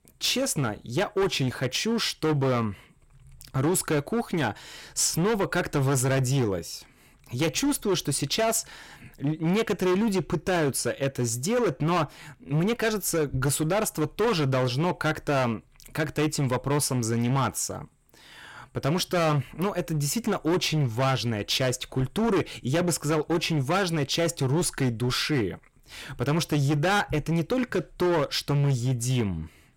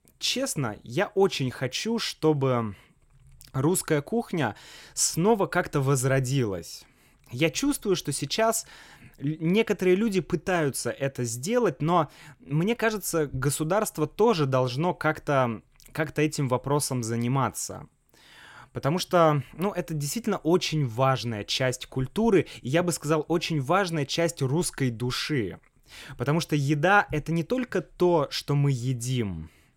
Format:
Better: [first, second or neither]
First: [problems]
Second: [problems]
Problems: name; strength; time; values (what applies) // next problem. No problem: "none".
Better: second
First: distortion; heavy; 14% of the sound clipped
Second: none